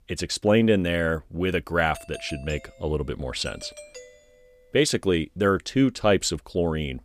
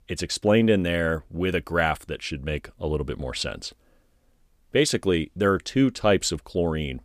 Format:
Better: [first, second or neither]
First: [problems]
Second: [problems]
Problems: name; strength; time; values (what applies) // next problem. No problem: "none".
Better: second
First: doorbell; faint; from 2 to 4.5 s; peak 15 dB below the speech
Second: none